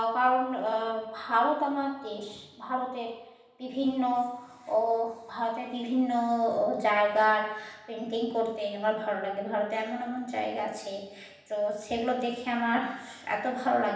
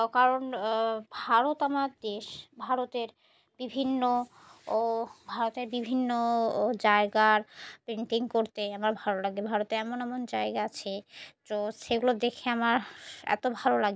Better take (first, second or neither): second